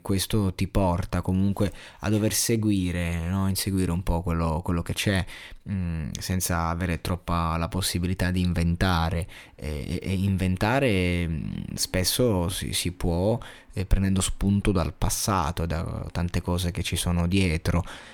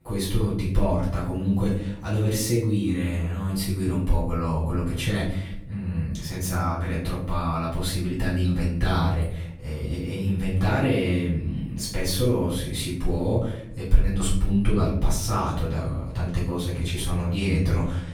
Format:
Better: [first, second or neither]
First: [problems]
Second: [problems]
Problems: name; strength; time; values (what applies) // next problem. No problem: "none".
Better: first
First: none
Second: off-mic speech; far // room echo; noticeable; dies away in 0.7 s